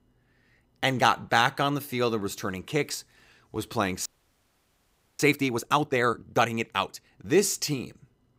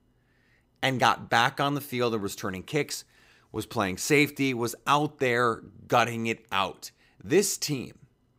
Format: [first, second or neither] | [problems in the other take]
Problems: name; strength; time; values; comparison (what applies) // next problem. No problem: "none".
second | audio freezing; at 4 s for 1 s